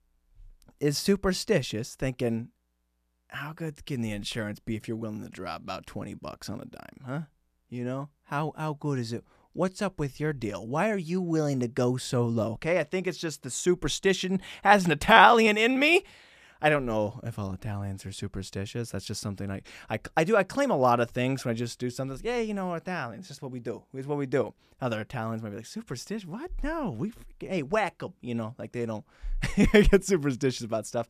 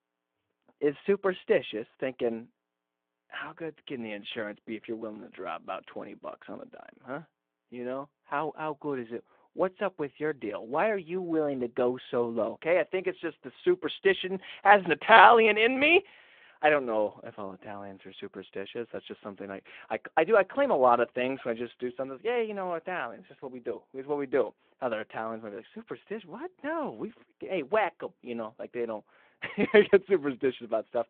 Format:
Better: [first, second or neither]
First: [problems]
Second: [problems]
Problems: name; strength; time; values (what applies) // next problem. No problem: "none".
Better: first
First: none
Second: phone-call audio